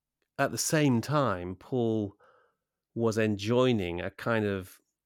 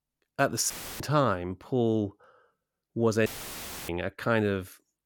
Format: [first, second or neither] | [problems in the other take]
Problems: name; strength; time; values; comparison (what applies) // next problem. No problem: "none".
first | audio cutting out; filled with static; at 0.5 s and at 3.5 s for 0.5 s